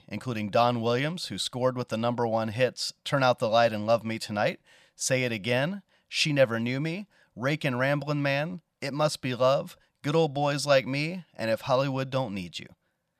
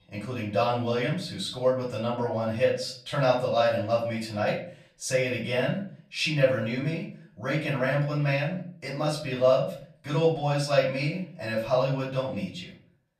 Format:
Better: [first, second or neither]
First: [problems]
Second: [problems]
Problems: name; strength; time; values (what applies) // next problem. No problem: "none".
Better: first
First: none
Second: room echo; slight; dies away in 0.4 s // off-mic speech; far